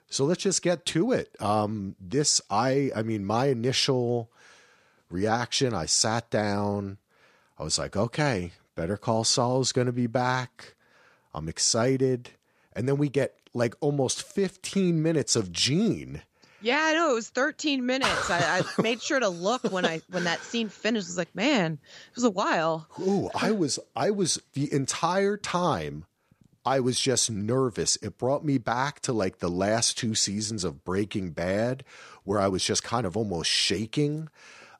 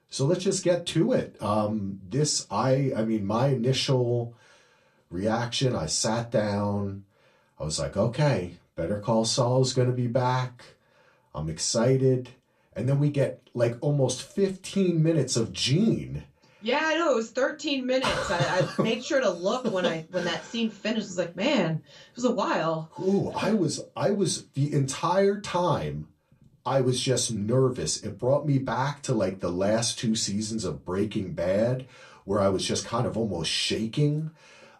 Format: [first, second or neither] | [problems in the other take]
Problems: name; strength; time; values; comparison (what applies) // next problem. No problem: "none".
first | off-mic speech; far // room echo; very slight; dies away in 0.2 s